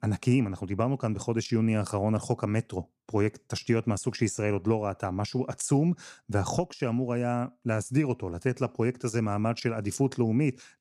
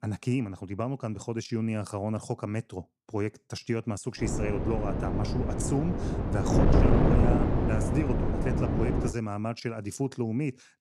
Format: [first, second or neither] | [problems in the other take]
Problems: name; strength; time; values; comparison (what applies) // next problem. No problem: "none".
first | wind noise on the microphone; heavy; from 4 to 9 s; 3 dB above the speech